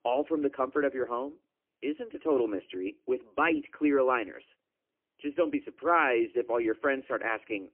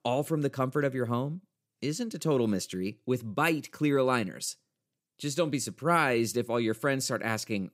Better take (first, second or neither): second